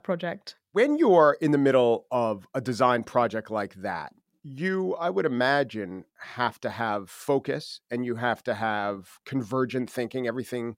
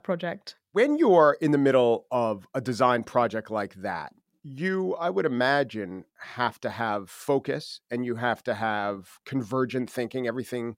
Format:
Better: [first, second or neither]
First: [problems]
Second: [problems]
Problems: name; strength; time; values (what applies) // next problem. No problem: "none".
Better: neither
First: none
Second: none